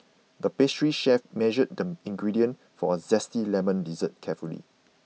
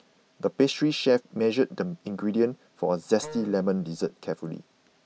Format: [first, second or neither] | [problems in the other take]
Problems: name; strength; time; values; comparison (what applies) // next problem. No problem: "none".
first | background sound (Wind instrument, woodwind instrument); 17 dB below the speech